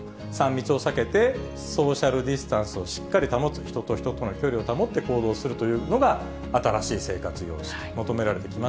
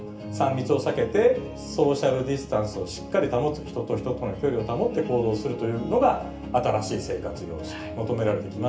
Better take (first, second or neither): first